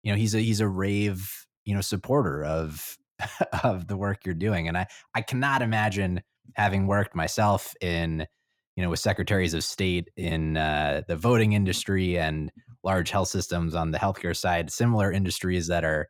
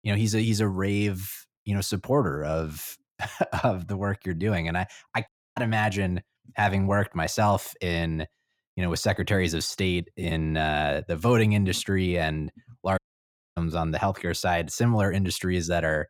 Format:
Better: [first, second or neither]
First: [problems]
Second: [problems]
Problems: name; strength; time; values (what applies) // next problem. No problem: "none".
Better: first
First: none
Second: audio cutting out; at 5.5 s and at 13 s for 0.5 s